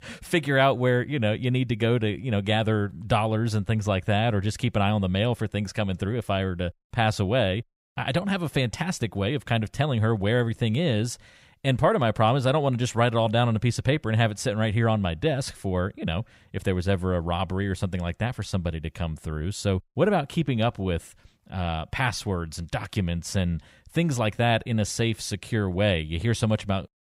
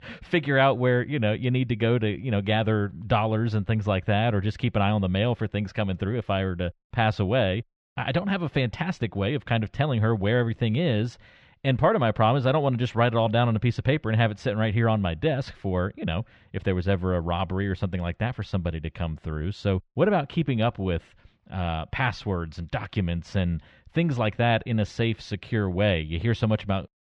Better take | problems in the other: first | muffled; slightly; fading above 3.5 kHz

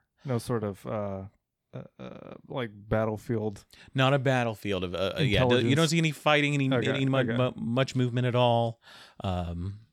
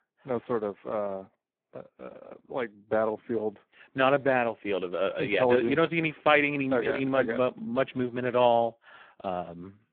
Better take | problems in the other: first | phone-call audio; poor line

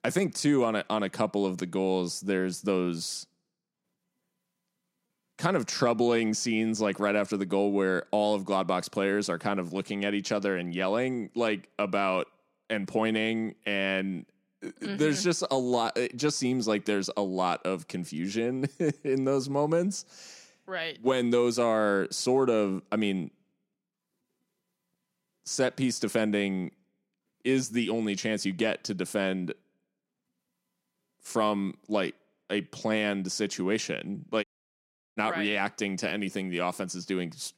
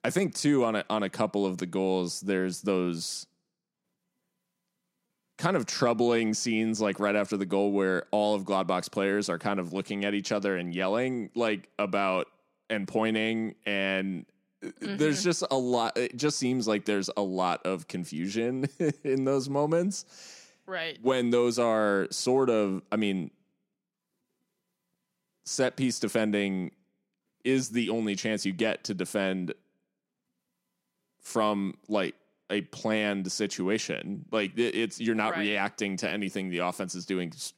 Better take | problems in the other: second | audio cutting out; at 34 s for 0.5 s

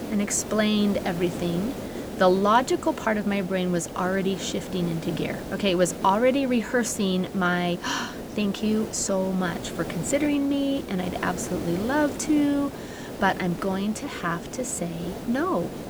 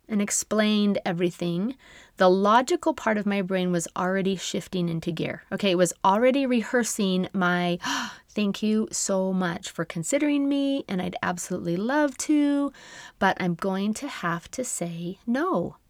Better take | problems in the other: second | hiss; loud; throughout; 10 dB below the speech

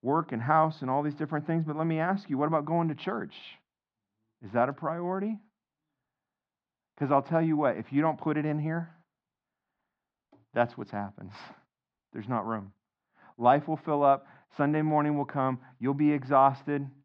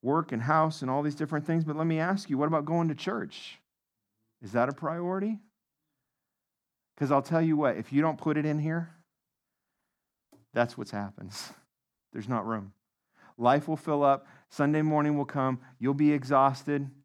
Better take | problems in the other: second | muffled; slightly; fading above 3.5 kHz

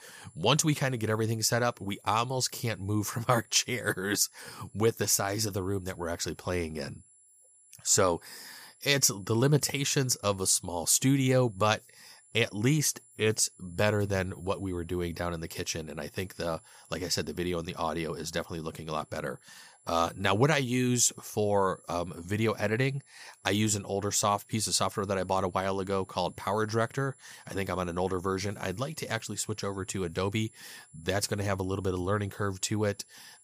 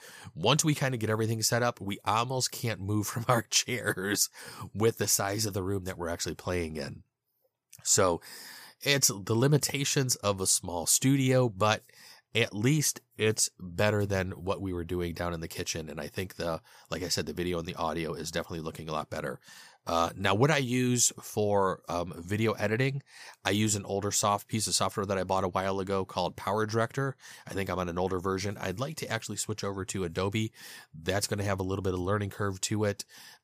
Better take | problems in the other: second | high-pitched whine; faint; throughout; 10 kHz, 30 dB below the speech

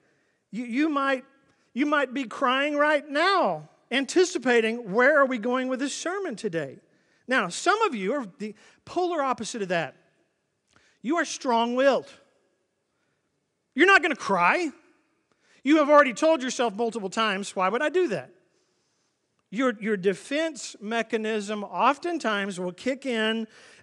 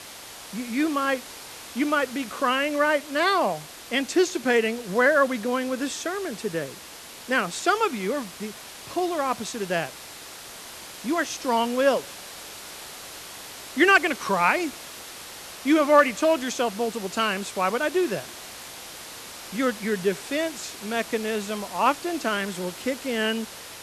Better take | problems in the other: first | hiss; noticeable; throughout; 15 dB below the speech

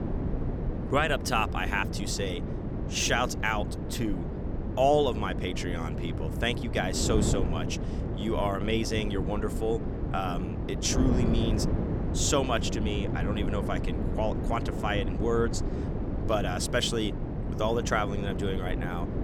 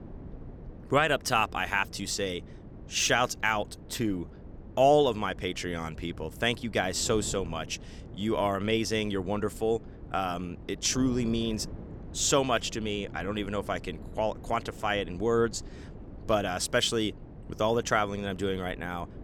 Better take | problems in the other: second | wind noise on the microphone; heavy; 8 dB below the speech; occasional gusts in the second

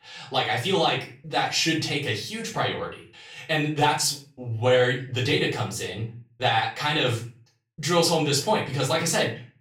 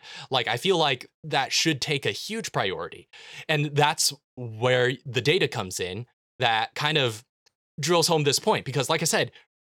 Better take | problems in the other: second | off-mic speech; far // room echo; slight; dies away in 0.3 s

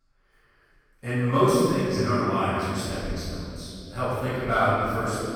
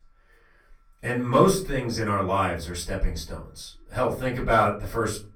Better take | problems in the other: second | room echo; strong; dies away in 3 s; slight in the second // off-mic speech; far; far in the second

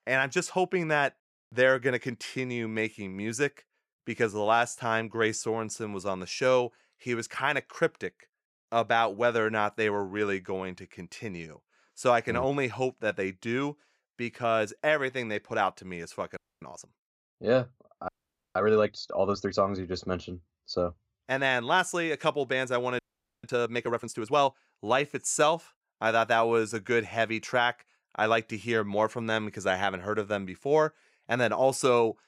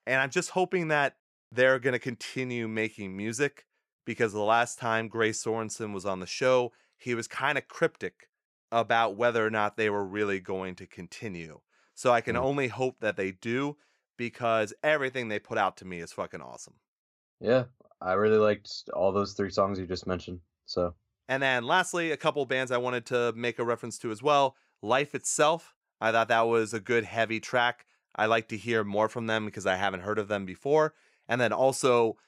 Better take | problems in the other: second | audio freezing; at 16 s, at 18 s and at 23 s

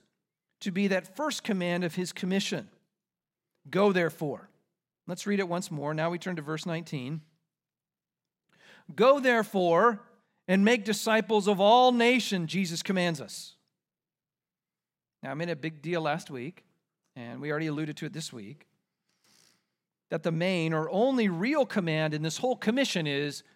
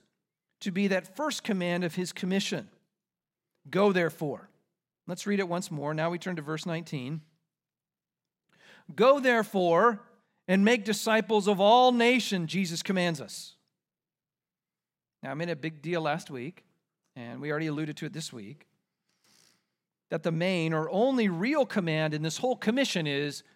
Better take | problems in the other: neither | none

